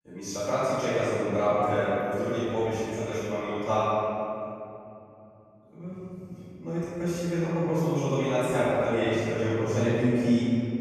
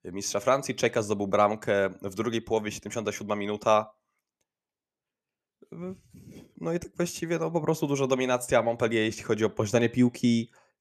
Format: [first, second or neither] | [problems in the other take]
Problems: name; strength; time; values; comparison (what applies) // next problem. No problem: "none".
second | off-mic speech; far // room echo; strong; dies away in 3 s